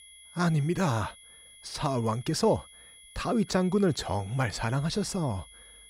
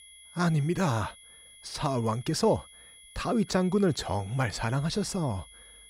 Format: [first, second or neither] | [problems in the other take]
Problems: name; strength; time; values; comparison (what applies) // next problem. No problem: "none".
neither | high-pitched whine; faint; throughout; 3.5 kHz, 20 dB below the speech; the same in both